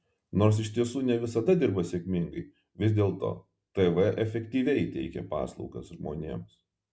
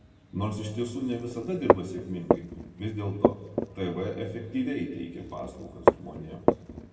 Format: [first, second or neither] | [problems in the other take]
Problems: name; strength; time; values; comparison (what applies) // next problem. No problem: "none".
first | background sound (Walk, footsteps); 4 dB above the speech // room echo; dies away in 1.5 s